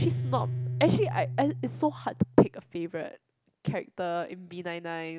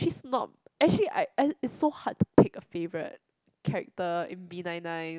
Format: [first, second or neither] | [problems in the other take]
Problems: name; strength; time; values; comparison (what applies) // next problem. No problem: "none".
second | background sound (Guitar); 7 dB below the speech